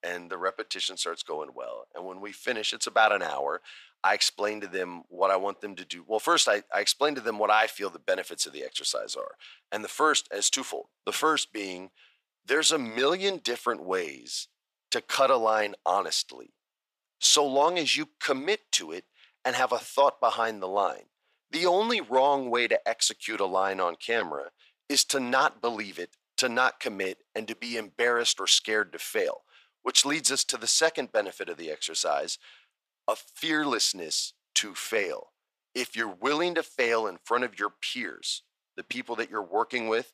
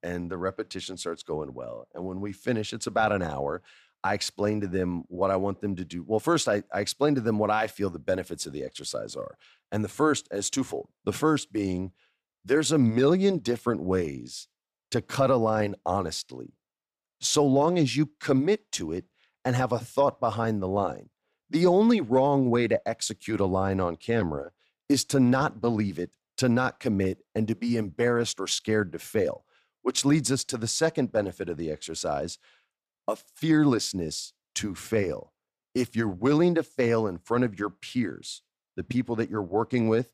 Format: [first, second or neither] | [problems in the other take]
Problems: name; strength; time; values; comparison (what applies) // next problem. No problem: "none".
second | thin; very; fading below 650 Hz